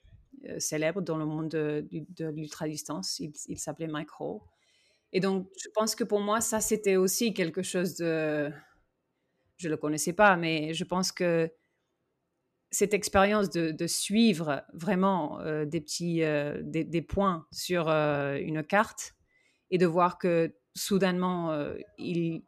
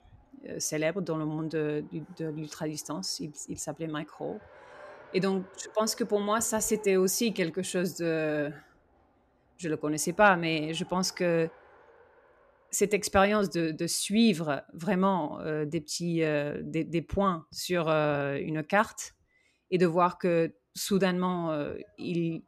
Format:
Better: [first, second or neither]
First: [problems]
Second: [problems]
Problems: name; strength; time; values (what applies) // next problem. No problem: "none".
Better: first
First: none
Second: traffic noise; faint; throughout; 25 dB below the speech